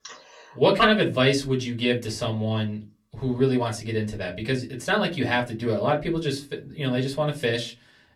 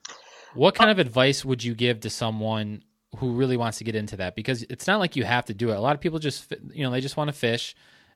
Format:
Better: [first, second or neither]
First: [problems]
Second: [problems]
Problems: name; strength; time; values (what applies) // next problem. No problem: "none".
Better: second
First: off-mic speech; far // room echo; very slight; dies away in 0.2 s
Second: none